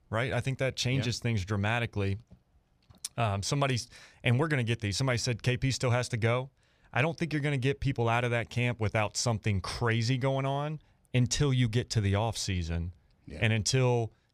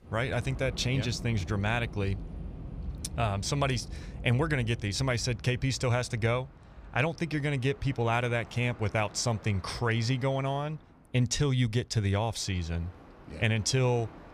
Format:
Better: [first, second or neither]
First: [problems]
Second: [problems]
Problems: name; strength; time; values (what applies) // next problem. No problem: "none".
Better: first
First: none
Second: train or aircraft noise; noticeable; throughout; 15 dB below the speech